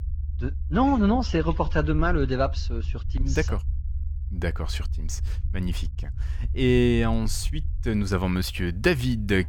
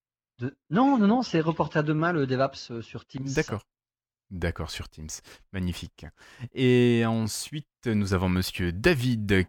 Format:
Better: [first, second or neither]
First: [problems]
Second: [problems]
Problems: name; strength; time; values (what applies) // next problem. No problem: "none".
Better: second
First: low rumble; faint; throughout; 25 dB below the speech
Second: none